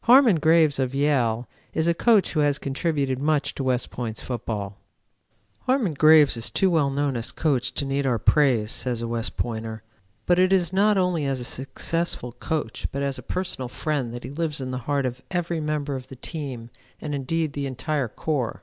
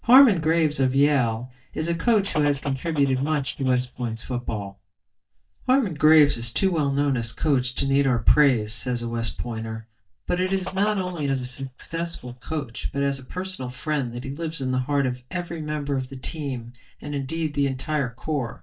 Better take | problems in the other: first | noise reduction (neural mask model DeepFilterNet 3)

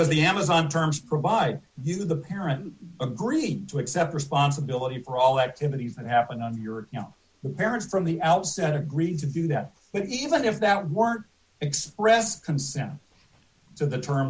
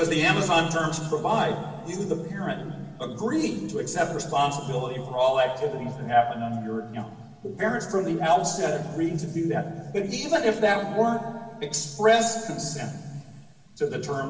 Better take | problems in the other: first | room echo; dies away in 1.9 s

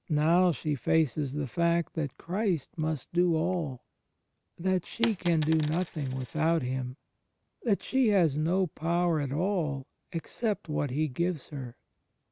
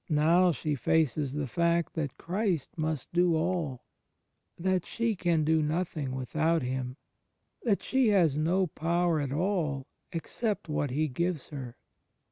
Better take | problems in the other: second | background sound (Coin (dropping)); 14 dB below the speech

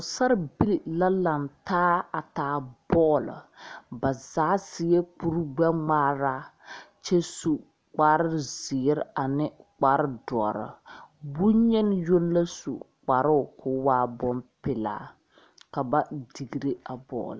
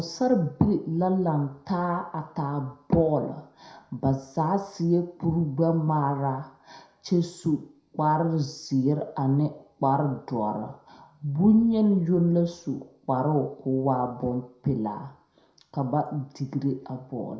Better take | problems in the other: first | room echo; dies away in 0.5 s

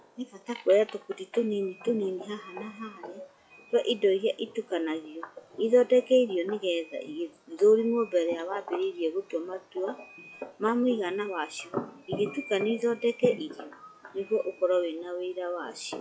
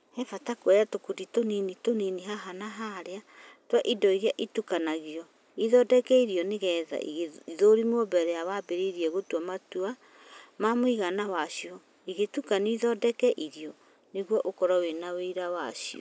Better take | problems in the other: second | noise reduction (classical method log-MMSE)

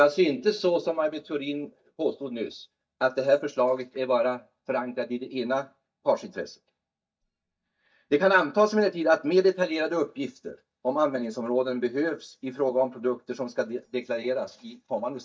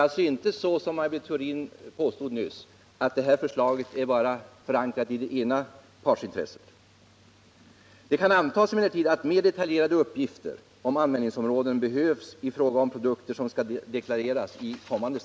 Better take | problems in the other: second | noise reduction (neural mask model DeepFilterNet 3)

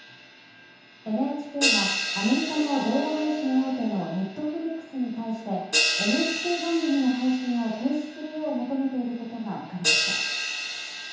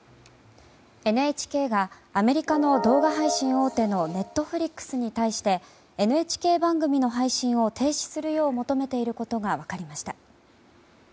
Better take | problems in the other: second | background sound (Crash cymbal); 3 dB below the speech // room echo; dies away in 0.8 s

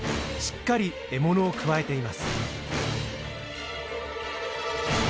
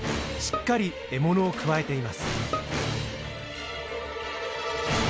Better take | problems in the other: first | background sound (Bowed string instrument); 11 dB below the speech

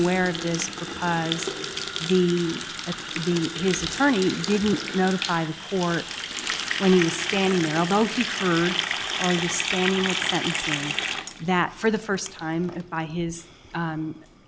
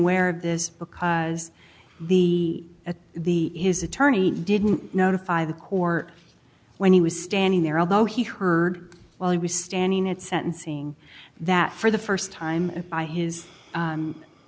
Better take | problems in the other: second | background sound (Water tap, faucet); 5 dB below the speech

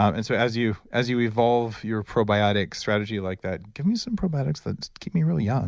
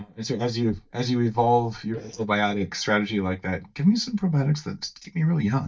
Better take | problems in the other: first | noise reduction (neural mask model DeepFilterNet 3)

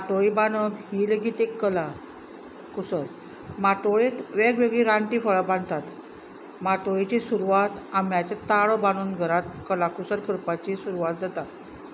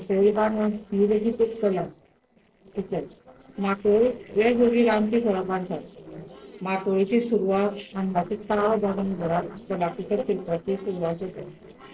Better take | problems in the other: first | noise reduction (neural separator model SepFormer DNS4)

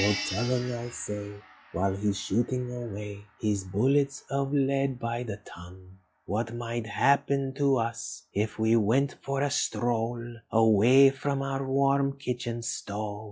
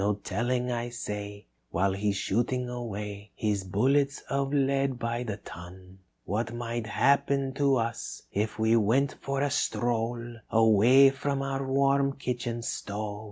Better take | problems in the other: second | noise reduction (classical method log-MMSE)

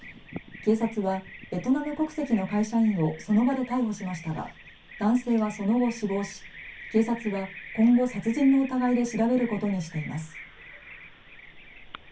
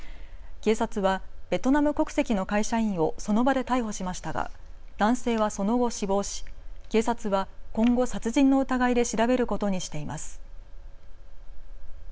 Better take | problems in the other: second | background sound (Bird vocalization, bird call, bird song); 18 dB below the speech // room echo; dies away in 0.3 s

